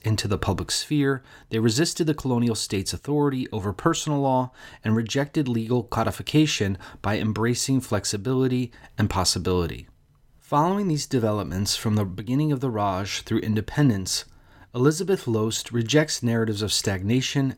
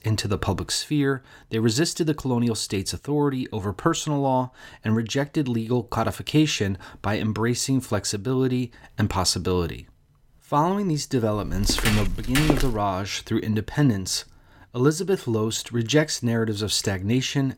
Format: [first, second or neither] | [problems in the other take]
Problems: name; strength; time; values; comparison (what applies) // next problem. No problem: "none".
first | footsteps; loud; from 11 to 13 s; peak level with the speech